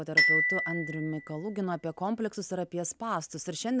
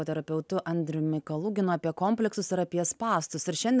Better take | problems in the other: second | background sound (Glockenspiel); 1 dB above the speech

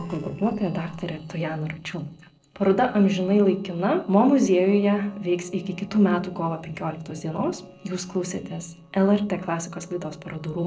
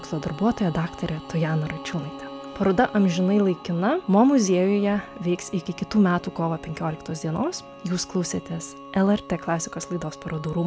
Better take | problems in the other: second | noise reduction (neural separator model SepFormer DNS4)

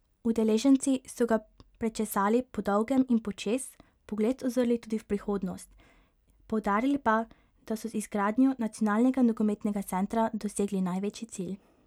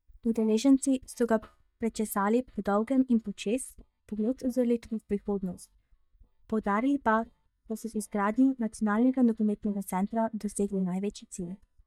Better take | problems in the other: first | noise reduction (neural mask model DeepFilterNet 3)

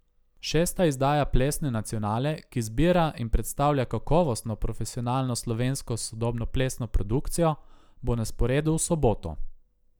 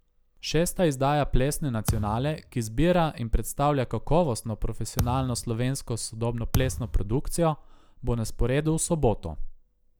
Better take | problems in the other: first | background sound (Thump, thud); 8 dB below the speech

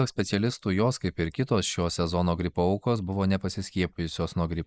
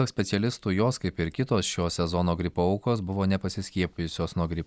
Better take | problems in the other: second | noise reduction (neural mask model Resemble Enhance denoiser)

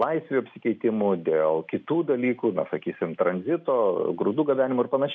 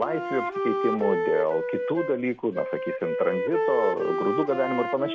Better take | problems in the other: first | background sound (Wind instrument, woodwind instrument); 1 dB below the speech

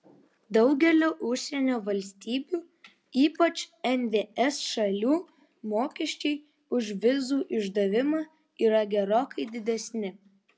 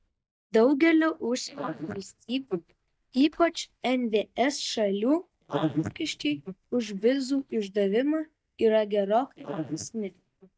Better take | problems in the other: first | noise reduction (neural mask model DeepFilterNet 3)

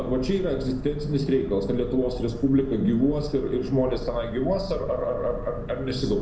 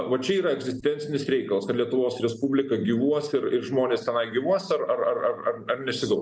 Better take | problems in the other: second | background sound (Boat, Water vehicle); 10 dB below the speech // room echo; dies away in 0.4 s

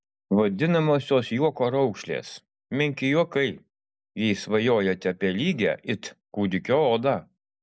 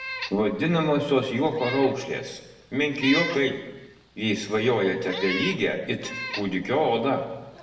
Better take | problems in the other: first | background sound (Meow); 11 dB below the speech // room echo; dies away in 1 s

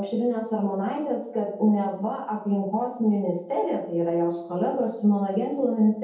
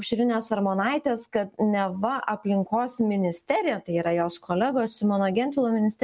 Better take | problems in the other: second | room echo; dies away in 0.7 s

